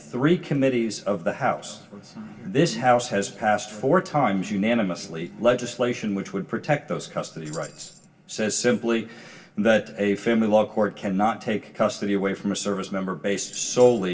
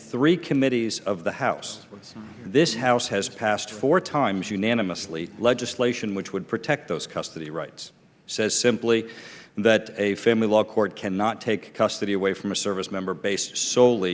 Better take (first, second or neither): second